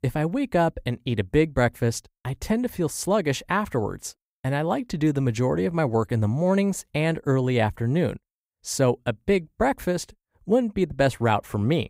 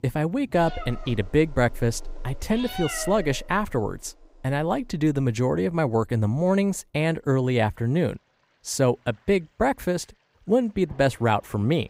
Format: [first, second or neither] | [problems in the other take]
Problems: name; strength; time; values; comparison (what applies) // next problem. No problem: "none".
first | animal sounds; noticeable; throughout; 15 dB below the speech